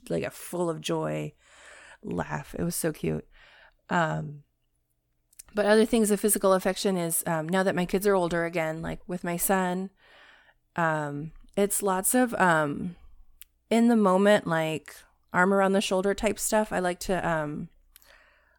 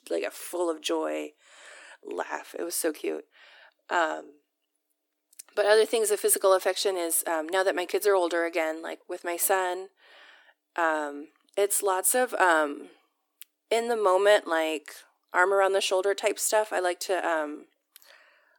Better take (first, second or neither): first